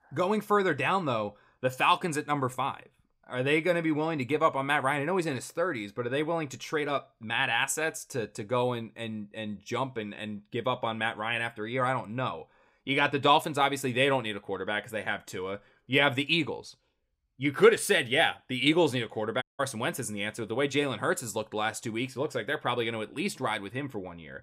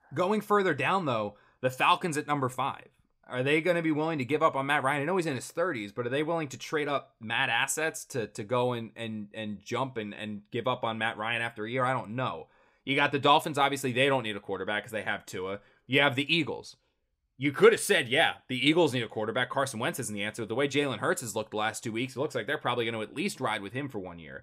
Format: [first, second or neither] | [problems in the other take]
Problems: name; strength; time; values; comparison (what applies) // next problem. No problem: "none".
second | audio cutting out; at 19 s